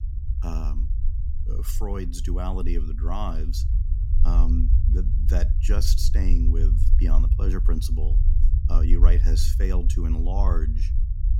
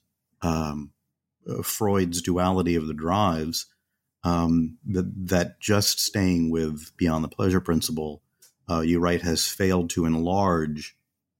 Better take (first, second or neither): second